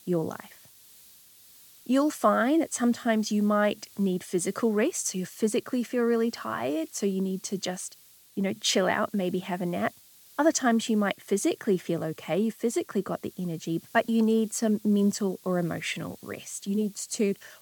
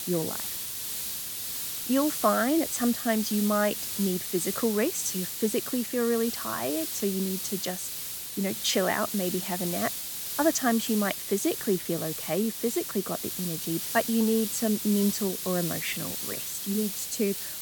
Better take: first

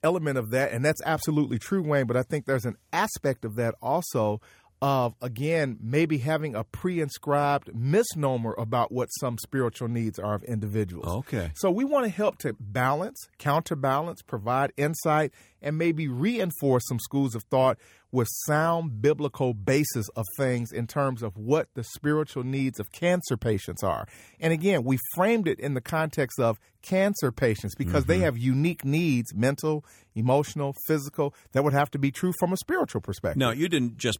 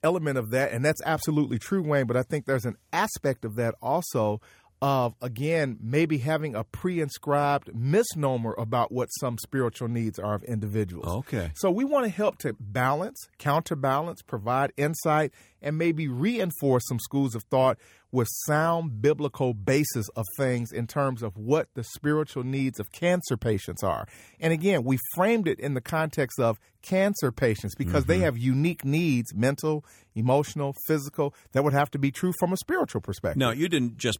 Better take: neither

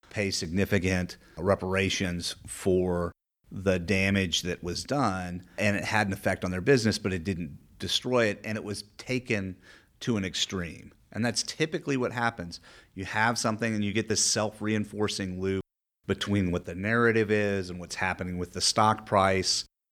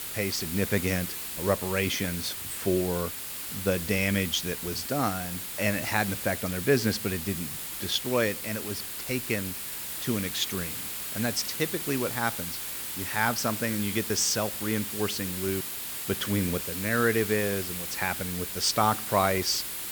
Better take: first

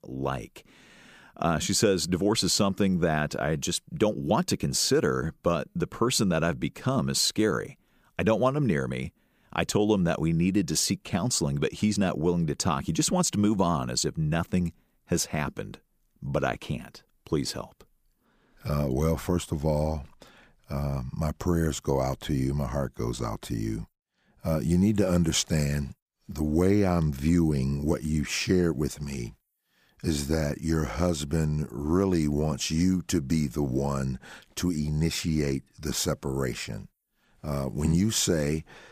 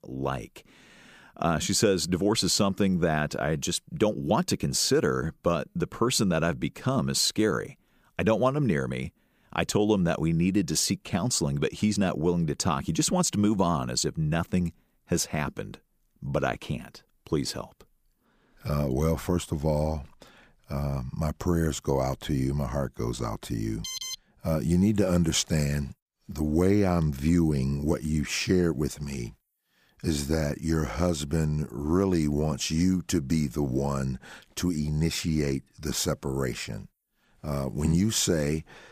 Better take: first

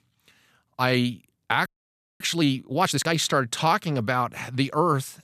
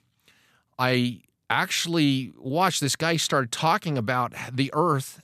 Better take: second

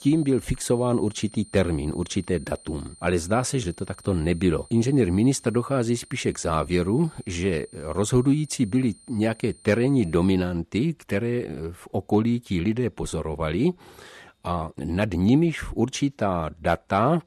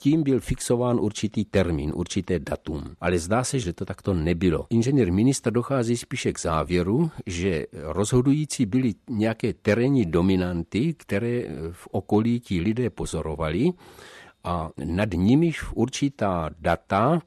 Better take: second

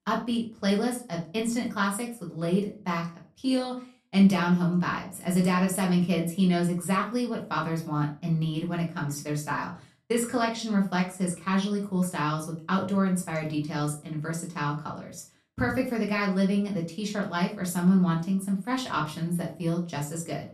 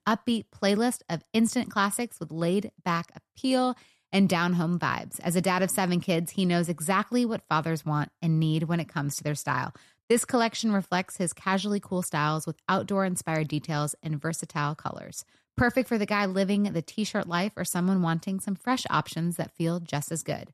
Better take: second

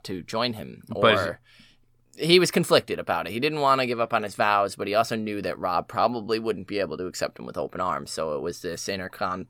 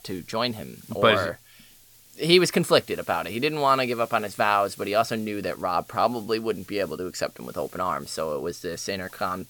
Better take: first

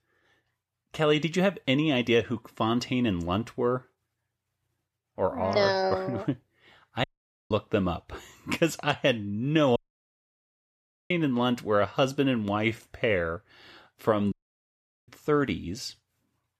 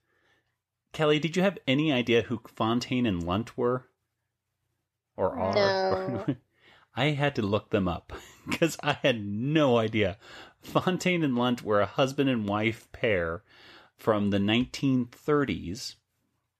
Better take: second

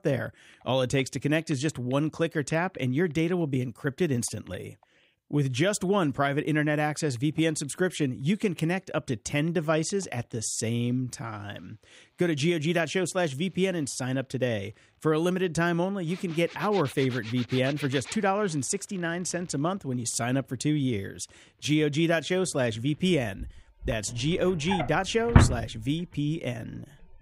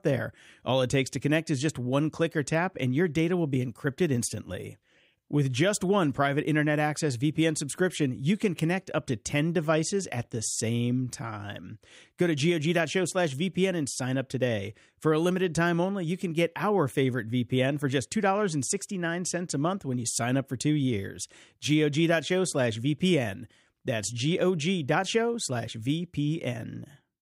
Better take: second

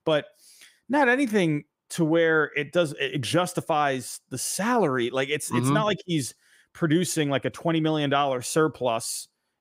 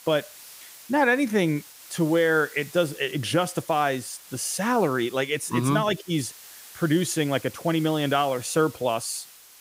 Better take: first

